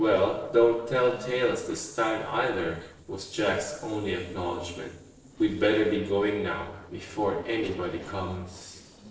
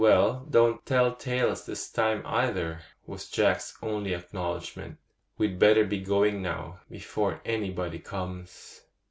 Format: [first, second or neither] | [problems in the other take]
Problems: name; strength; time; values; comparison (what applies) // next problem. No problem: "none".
second | noise reduction (neural separator model SepFormer DNS4)